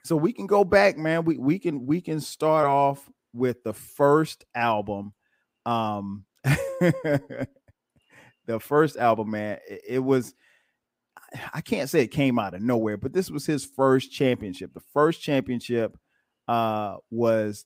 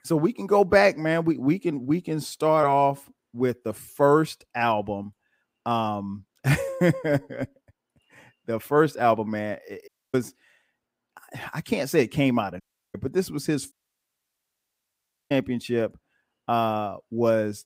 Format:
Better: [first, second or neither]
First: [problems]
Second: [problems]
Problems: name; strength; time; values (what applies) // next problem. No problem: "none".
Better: first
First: none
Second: audio cutting out; at 10 s, at 13 s and at 14 s for 1.5 s